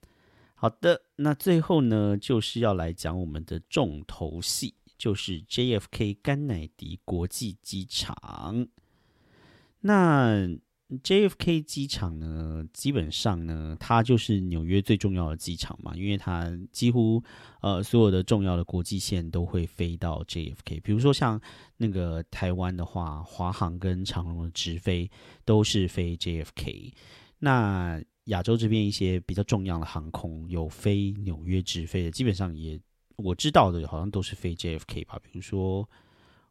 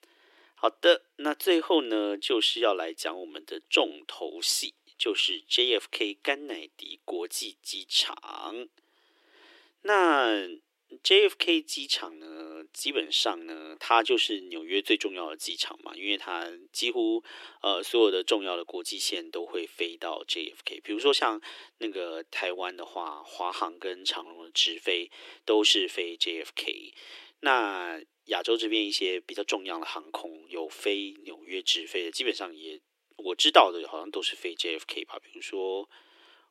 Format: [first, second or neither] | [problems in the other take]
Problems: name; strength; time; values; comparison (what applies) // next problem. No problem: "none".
first | thin; very; fading below 300 Hz